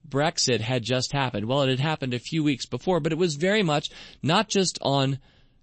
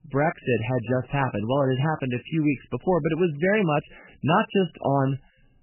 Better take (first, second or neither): first